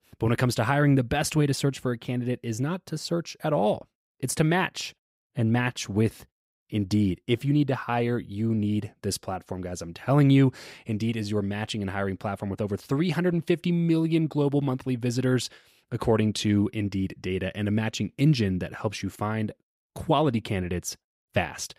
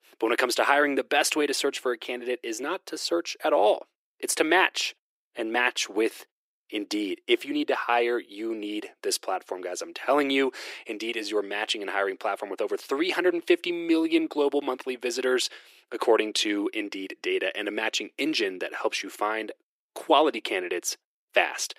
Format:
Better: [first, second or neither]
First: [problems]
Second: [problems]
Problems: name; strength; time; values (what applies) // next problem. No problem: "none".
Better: first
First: none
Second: thin; very; fading below 350 Hz